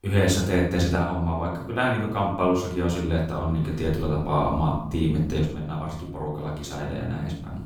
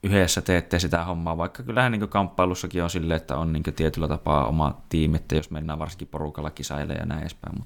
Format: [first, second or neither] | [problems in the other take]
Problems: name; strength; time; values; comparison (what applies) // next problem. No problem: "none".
second | off-mic speech; far // room echo; noticeable; dies away in 0.6 s